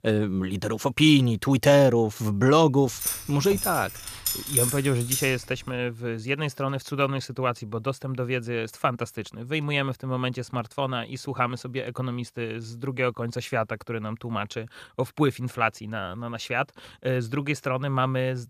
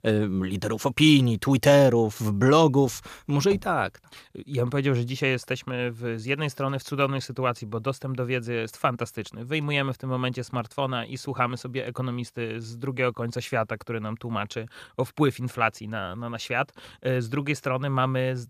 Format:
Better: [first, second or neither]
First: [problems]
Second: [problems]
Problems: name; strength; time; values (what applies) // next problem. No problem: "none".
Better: second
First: jangling keys; loud; from 3 to 5.5 s; peak 2 dB above the speech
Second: none